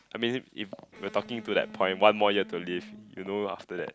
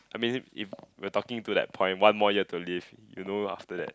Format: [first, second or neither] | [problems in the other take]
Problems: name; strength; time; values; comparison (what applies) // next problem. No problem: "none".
second | background sound (Electric guitar); 18 dB below the speech